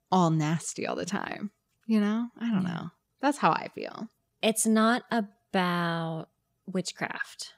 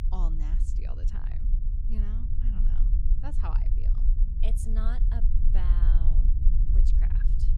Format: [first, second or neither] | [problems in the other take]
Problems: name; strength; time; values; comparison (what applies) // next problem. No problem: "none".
first | low rumble; loud; throughout; 2 dB below the speech